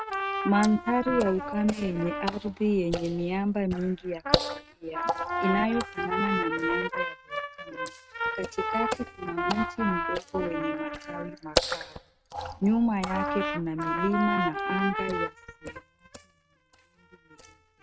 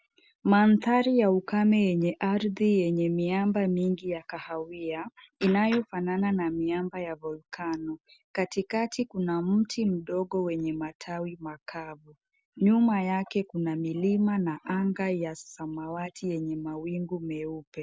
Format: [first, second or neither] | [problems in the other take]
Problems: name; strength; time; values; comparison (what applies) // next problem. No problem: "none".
second | noise reduction (neural mask model RNNoise)